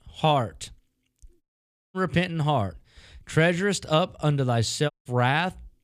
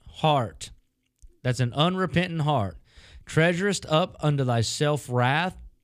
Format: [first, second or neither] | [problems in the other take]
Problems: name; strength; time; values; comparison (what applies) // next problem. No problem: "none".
second | audio cutting out; at 1.5 s for 0.5 s and at 5 s